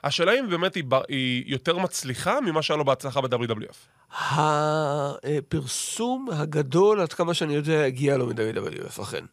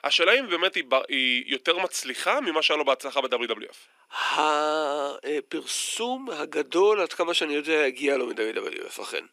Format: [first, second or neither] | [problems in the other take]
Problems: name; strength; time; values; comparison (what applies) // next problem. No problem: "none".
first | thin; somewhat; fading below 250 Hz